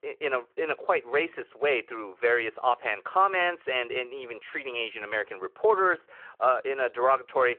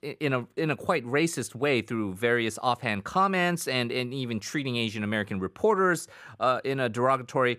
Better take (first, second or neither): second